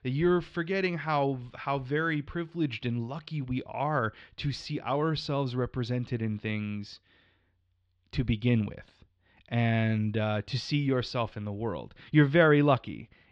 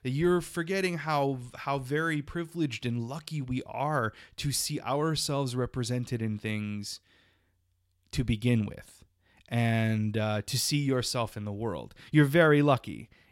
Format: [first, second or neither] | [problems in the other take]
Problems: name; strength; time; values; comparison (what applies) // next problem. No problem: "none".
second | muffled; very slightly; fading above 4 kHz